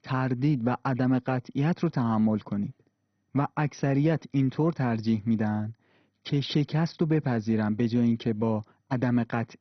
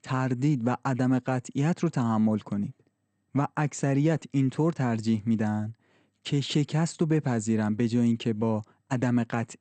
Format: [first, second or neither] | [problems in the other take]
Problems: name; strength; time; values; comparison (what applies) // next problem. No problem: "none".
second | garbled, watery; badly; nothing above 6 kHz; slightly in the second